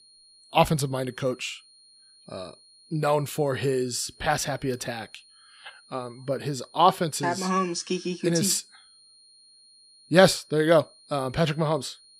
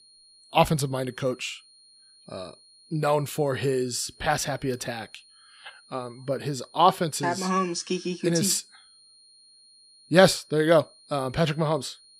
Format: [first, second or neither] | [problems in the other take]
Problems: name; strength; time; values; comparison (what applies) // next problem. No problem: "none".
neither | high-pitched whine; faint; throughout; 4 kHz, 30 dB below the speech; the same in both